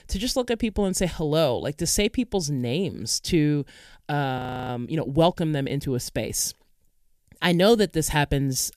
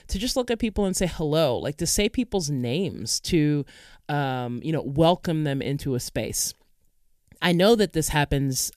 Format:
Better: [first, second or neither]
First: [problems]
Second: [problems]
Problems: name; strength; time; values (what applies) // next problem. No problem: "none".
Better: second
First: audio freezing; at 4.5 s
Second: none